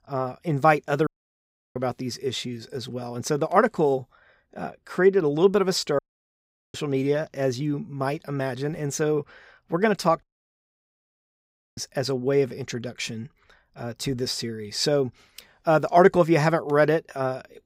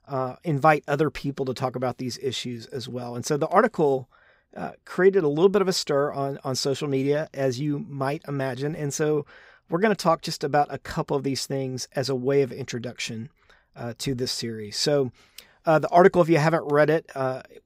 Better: second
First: audio cutting out; at 1 s for 0.5 s, at 6 s for 1 s and at 10 s for 1.5 s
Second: none

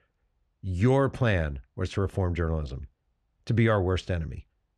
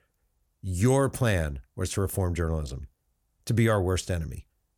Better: second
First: muffled; slightly; fading above 3 kHz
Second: none

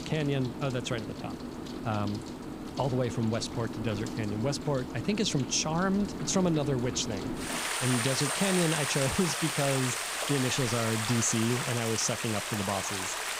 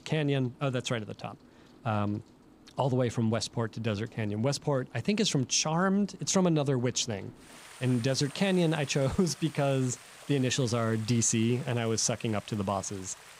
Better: second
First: rain or running water; loud; throughout; 3 dB below the speech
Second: rain or running water; faint; throughout; 20 dB below the speech

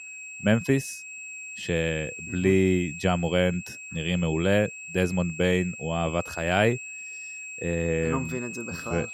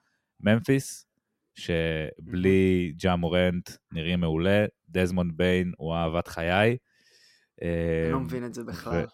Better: second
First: high-pitched whine; noticeable; throughout; 2.5 kHz, 10 dB below the speech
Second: none

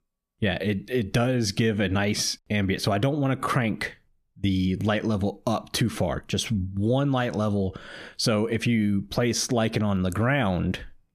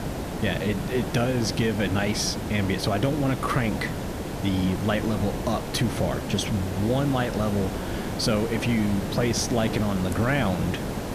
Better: first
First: none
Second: hiss; loud; throughout; 5 dB below the speech

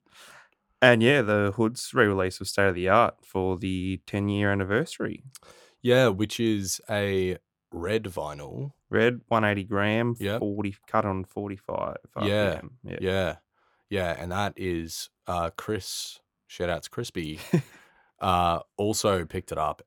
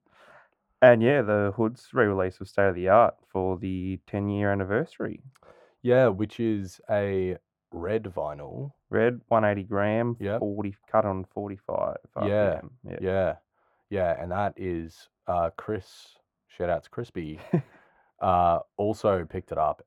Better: first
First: none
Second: muffled; very; fading above 3 kHz

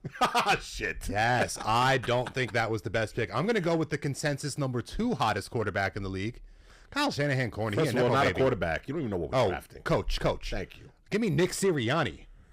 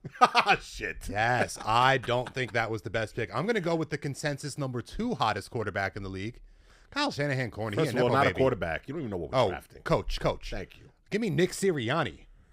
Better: second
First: distortion; slight; 10 dB below the speech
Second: none

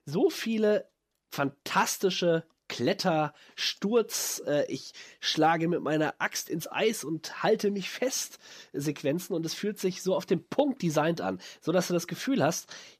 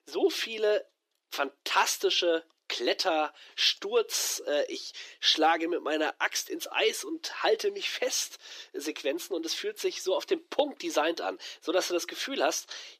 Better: first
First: none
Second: thin; somewhat; fading below 350 Hz

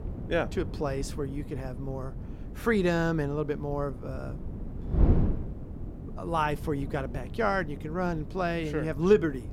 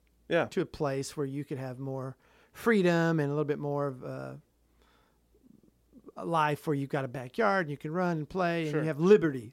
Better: second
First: wind noise on the microphone; occasional gusts; 15 dB below the speech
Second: none

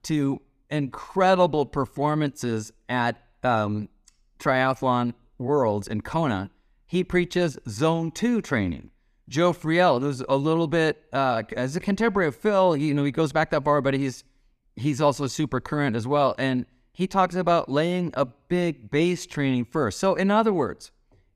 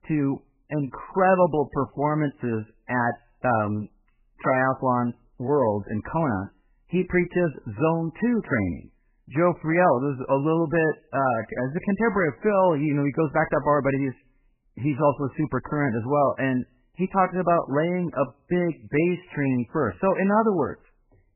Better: first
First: none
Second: garbled, watery; badly; nothing above 3 kHz

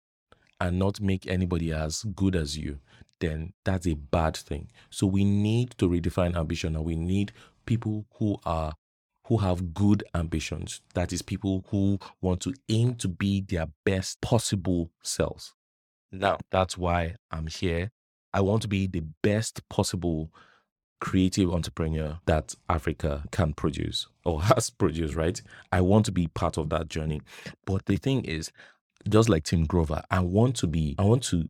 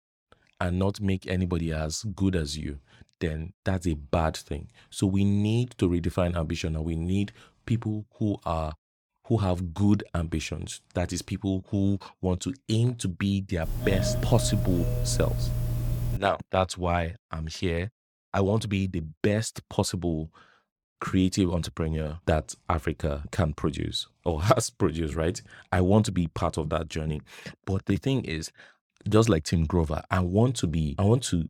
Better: first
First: none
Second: doorbell; noticeable; from 14 to 16 s; peak 1 dB below the speech

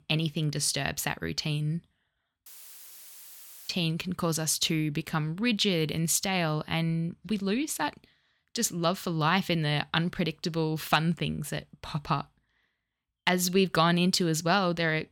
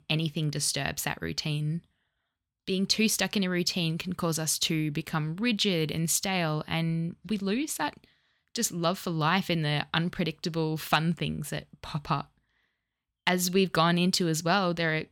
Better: second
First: audio cutting out; filled with static; at 2.5 s for 1 s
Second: none

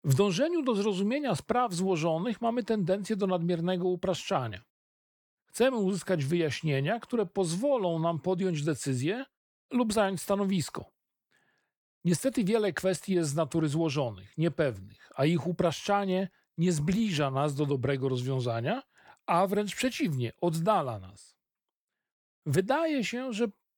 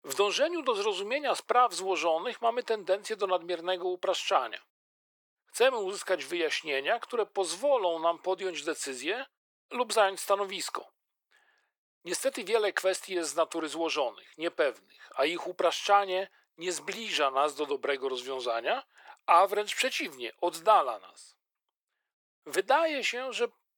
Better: first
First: none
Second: thin; very; fading below 400 Hz

